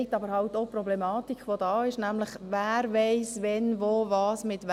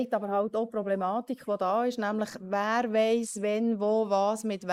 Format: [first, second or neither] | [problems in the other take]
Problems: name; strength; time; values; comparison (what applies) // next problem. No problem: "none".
first | noise reduction (neural mask model Resemble Enhance denoiser)